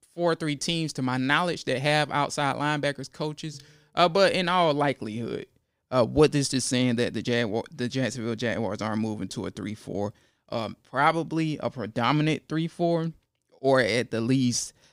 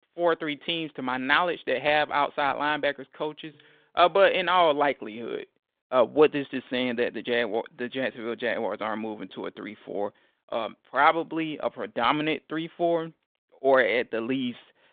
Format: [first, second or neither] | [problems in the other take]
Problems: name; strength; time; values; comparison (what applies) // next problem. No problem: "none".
first | phone-call audio; nothing above 3.5 kHz